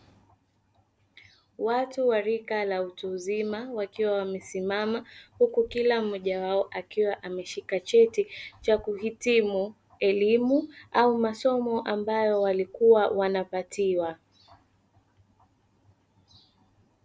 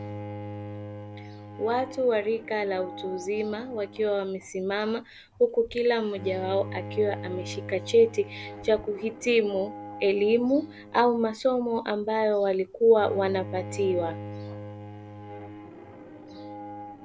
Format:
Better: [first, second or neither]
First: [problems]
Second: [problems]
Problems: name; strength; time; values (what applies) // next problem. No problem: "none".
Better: first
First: none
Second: background sound (Bowed string instrument); 13 dB below the speech